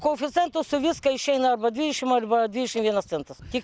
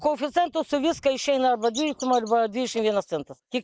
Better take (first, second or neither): first